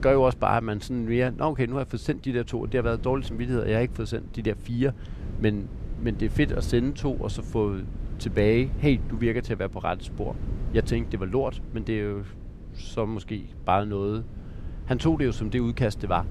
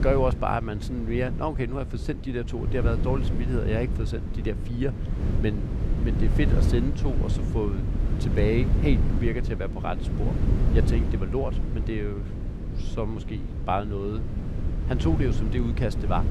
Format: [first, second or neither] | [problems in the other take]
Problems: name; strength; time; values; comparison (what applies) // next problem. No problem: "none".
first | wind noise on the microphone; heavy; 7 dB below the speech; occasional gusts in the first